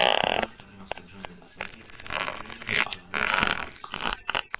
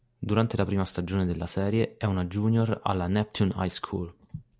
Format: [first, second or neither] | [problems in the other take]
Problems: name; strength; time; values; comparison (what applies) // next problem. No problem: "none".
second | noise reduction (neural separator model SepFormer WHAMR!)